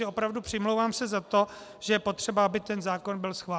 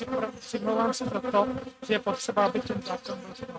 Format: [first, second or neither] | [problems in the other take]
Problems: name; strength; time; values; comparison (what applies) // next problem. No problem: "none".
first | noise reduction (neural mask model RNNoise)